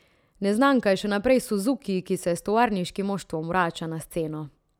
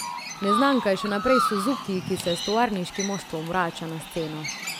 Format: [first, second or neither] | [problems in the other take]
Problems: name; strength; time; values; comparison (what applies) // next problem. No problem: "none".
first | background sound (Chirp, tweet); 5 dB below the speech